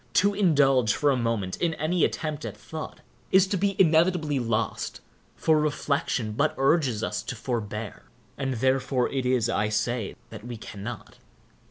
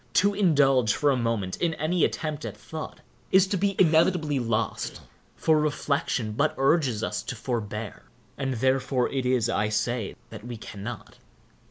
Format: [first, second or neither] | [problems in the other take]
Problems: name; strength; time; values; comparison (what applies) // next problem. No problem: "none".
first | background sound (Cough); 13 dB below the speech